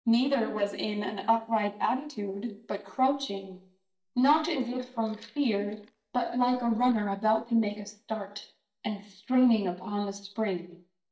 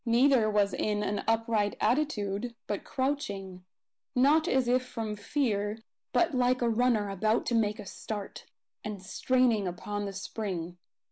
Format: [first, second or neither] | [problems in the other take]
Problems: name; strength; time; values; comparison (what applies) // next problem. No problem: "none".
second | noise reduction (neural mask model DeepFilterNet 3)